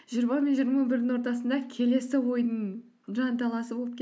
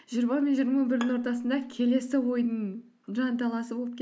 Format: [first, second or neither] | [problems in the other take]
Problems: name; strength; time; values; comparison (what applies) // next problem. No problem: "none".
first | background sound (Bowed string instrument); 20 dB below the speech